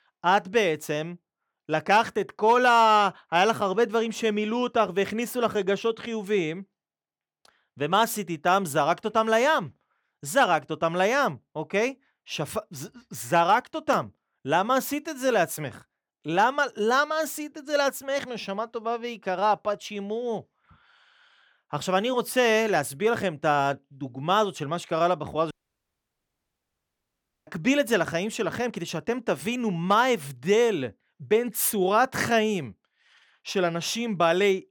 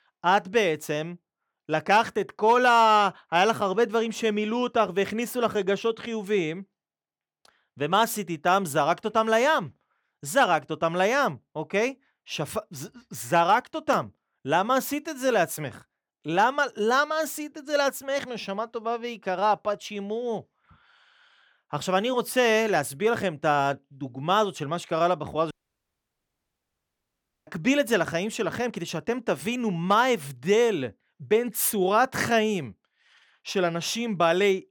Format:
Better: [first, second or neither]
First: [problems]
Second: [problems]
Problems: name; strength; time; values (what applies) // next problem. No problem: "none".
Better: neither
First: audio cutting out; at 26 s for 2 s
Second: audio cutting out; at 26 s for 2 s